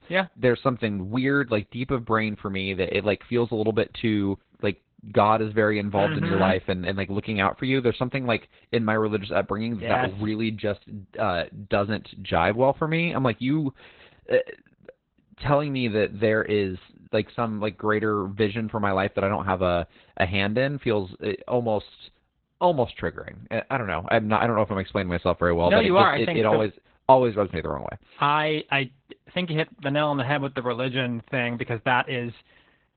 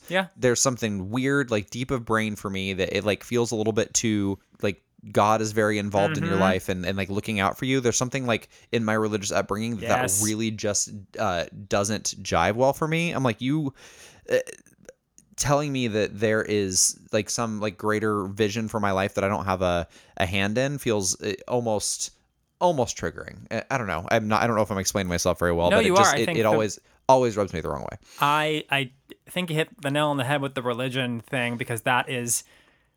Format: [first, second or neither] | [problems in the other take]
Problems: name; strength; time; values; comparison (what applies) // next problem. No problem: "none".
second | garbled, watery; badly; nothing above 4 kHz